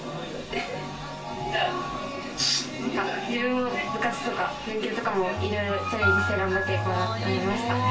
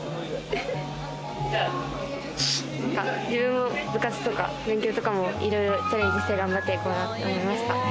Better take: second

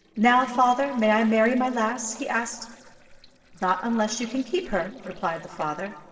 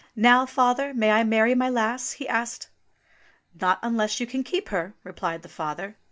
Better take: second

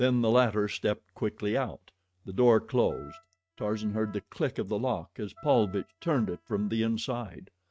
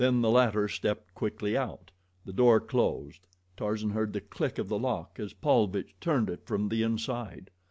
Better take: second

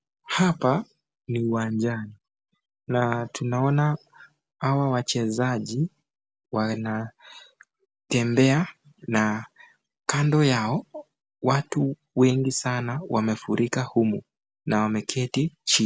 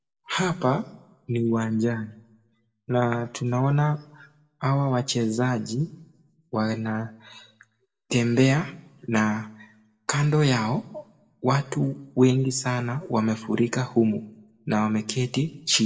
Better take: first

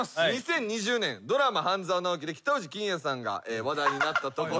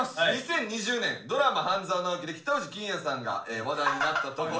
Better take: first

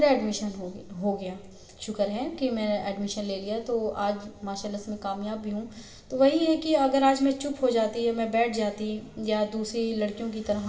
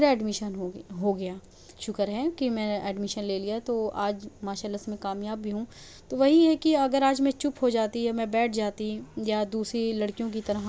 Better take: second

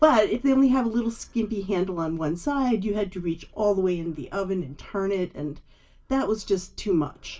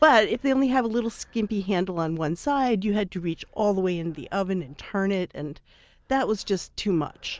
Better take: second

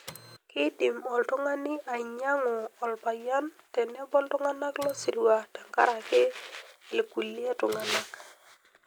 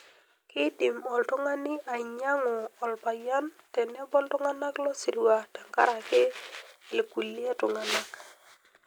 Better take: second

